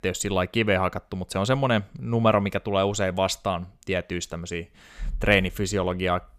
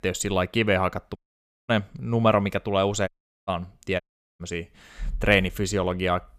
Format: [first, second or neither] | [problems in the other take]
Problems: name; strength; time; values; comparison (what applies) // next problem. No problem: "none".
first | audio cutting out; at 1 s for 0.5 s, at 3 s and at 4 s